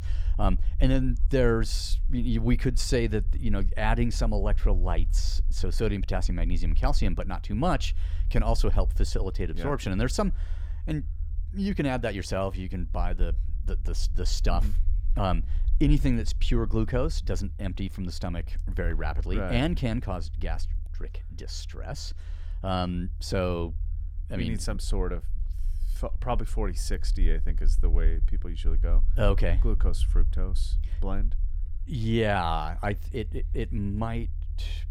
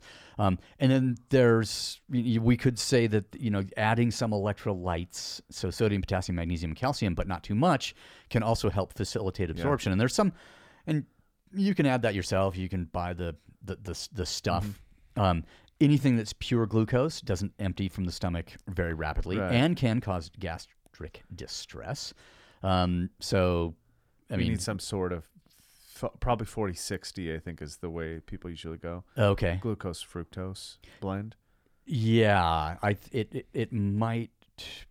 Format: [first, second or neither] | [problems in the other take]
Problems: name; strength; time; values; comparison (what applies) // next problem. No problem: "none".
second | low rumble; faint; throughout; 20 dB below the speech